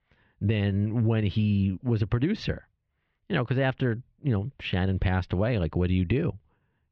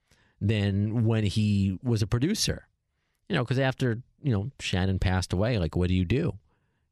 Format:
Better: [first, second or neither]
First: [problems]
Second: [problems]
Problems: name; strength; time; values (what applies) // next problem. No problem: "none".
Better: second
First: muffled; very; fading above 3 kHz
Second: none